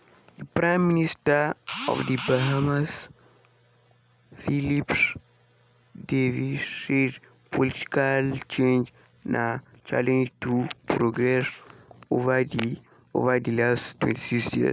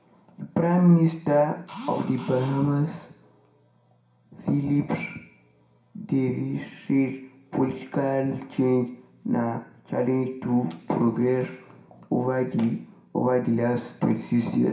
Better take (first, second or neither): first